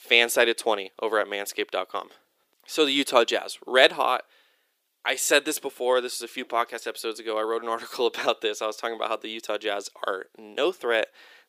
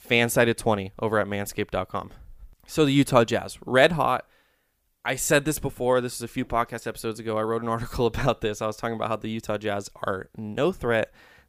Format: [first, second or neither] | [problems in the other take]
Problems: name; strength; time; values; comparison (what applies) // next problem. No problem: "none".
second | thin; somewhat; fading below 350 Hz